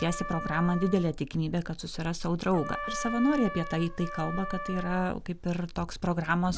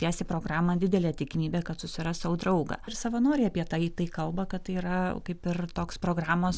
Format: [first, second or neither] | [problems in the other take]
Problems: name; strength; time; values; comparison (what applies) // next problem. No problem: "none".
second | background sound (Trumpet); 11 dB below the speech